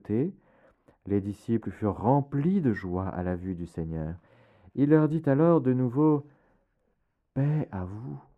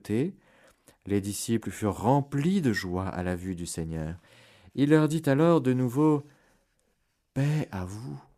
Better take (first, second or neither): second